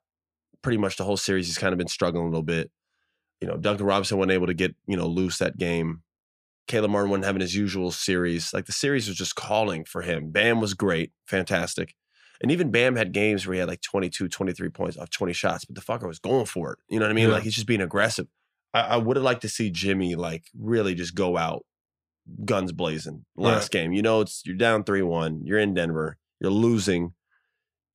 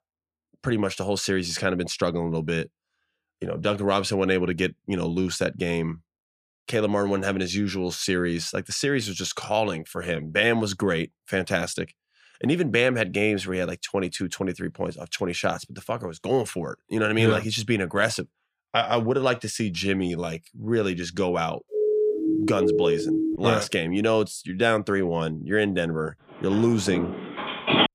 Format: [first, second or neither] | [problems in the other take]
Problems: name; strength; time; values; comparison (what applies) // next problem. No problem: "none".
first | siren; loud; from 22 to 23 s; peak 3 dB above the speech // phone ringing; loud; from 27 s on; peak 5 dB above the speech